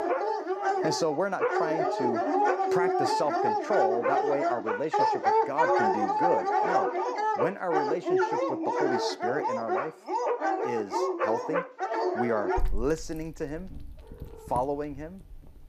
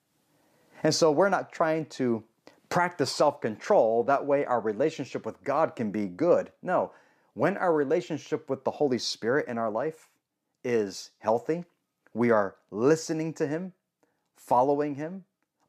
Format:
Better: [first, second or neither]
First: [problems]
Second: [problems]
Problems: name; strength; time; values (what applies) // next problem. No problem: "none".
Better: second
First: animal sounds; very loud; throughout; 5 dB above the speech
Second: none